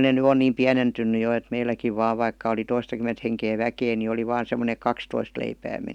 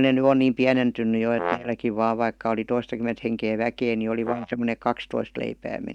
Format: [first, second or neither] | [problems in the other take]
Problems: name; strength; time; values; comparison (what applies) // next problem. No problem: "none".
first | noise reduction (neural mask model DeepFilterNet 3)